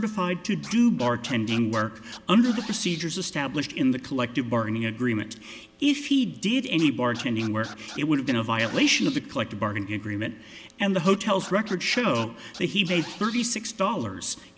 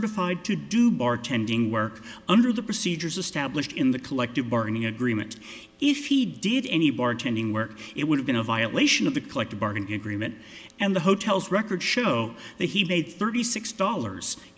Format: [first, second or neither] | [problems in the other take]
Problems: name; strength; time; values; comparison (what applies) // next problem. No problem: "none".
second | background sound (Scratching (performance technique)); 18 dB below the speech